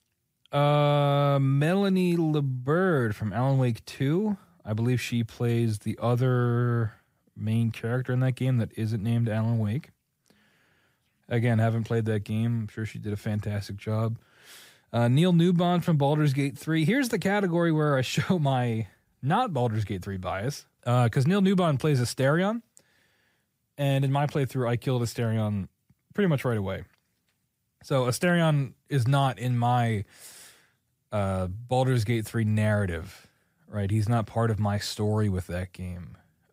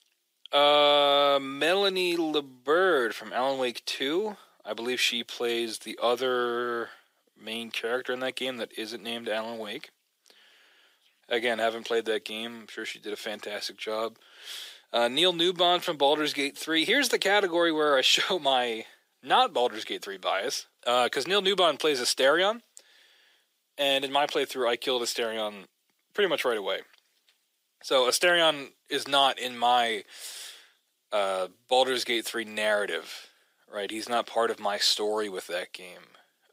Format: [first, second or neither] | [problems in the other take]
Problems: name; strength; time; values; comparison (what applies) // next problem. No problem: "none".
first | thin; very; fading below 350 Hz